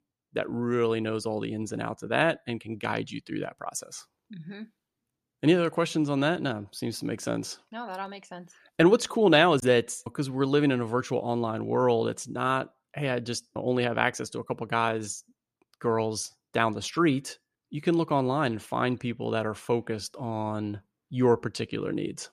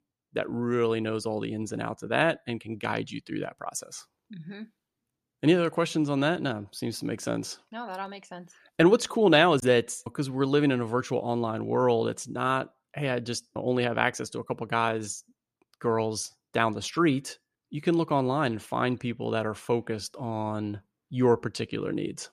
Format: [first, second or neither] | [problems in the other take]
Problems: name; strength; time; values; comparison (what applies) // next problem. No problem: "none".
neither | none